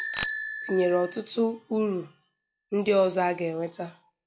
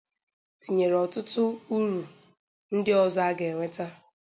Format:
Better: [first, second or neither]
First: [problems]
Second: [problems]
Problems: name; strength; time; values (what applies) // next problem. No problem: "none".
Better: second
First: noise reduction (classical method log-MMSE)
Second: none